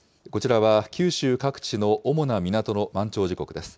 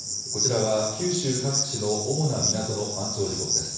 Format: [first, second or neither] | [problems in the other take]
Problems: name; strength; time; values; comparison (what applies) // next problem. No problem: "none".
first | background sound (Cricket); 2 dB below the speech // room echo; dies away in 1.1 s